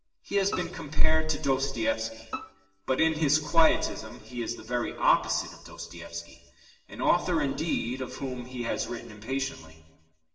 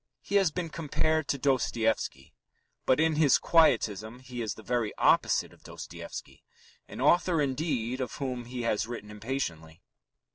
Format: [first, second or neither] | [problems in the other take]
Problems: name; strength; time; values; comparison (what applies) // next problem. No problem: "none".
second | background sound (Bowed string instrument); 17 dB below the speech // room echo; dies away in 1.1 s